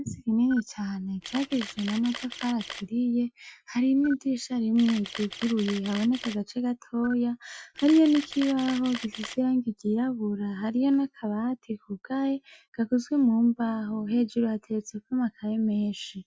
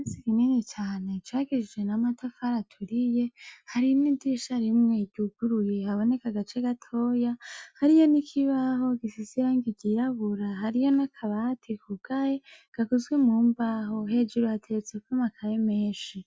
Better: second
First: background sound (Camera); 14 dB below the speech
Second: none

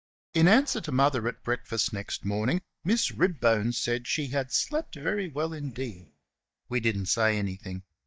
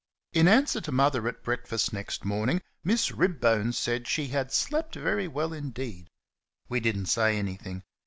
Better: second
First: noise reduction (neural mask model DeepFilterNet 3)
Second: none

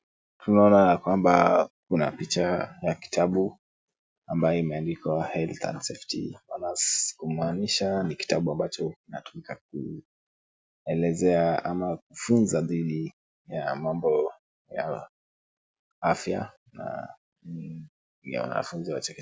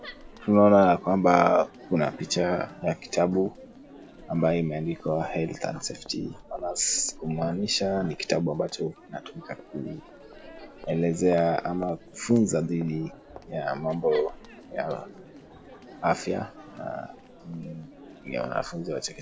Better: first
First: none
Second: background sound (Crowd); 19 dB below the speech

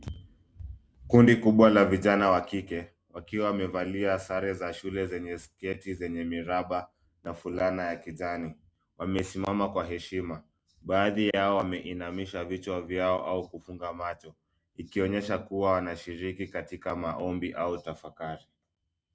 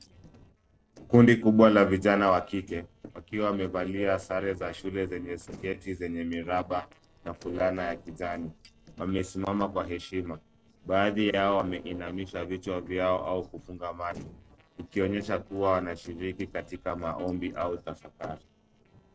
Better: first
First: none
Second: noise reduction (neural separator model SepFormer DNS4)

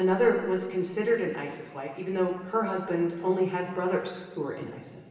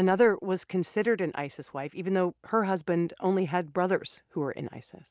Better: second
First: room echo; dies away in 1.2 s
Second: none

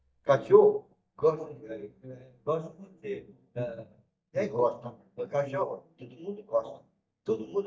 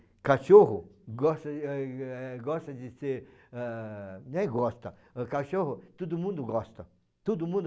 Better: second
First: noise reduction (neural mask model DeepFilterNet 3)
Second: none

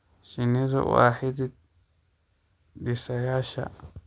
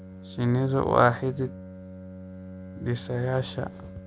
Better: first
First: none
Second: background sound (Bowed string instrument); 14 dB below the speech

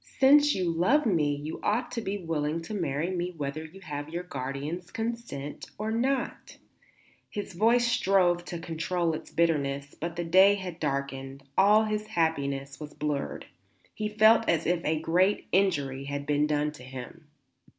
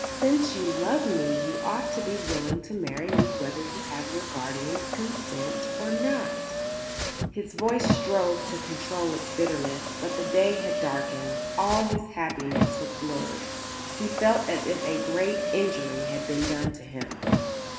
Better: first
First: none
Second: background sound (Car); 1 dB below the speech // room echo; dies away in 2.1 s

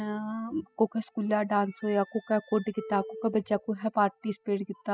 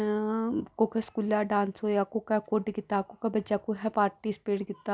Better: second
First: noise reduction (classical method spectral subtraction)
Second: none

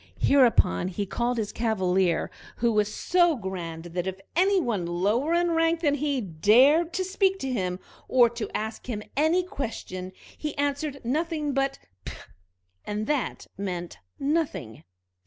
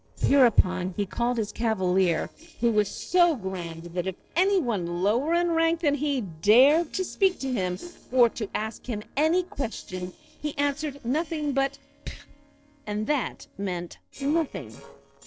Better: first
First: none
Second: noise reduction (neural separator model SepFormer DNS4)

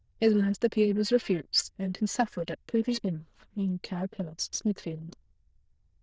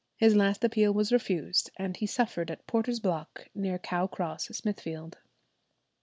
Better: second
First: noise reduction (neural diffusion model UNIVERSE++)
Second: none

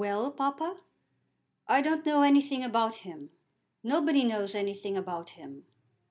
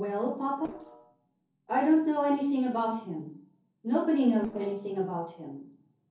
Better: first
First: none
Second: noise reduction (neural separator model SepFormer DNS4)

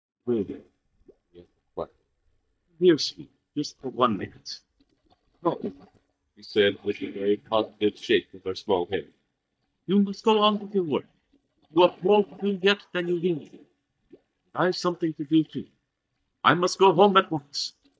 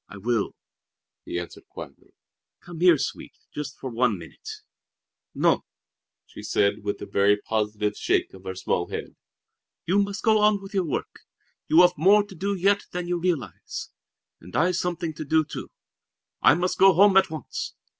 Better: second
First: noise reduction (neural mask model DeepFilterNet 3)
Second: none

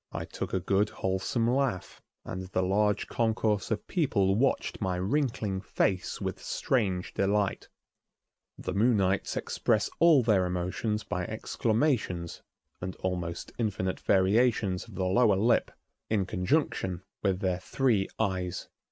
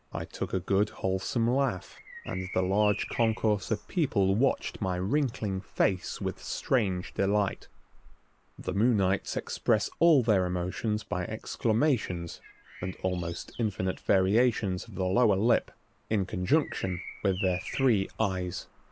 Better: first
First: none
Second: background sound (Bird vocalization, bird call, bird song); 19 dB below the speech

